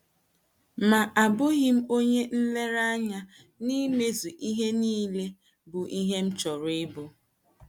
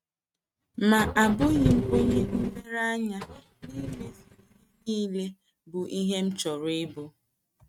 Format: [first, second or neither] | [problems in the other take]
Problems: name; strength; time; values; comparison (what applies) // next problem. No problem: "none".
first | noise reduction (neural mask model RNNoise)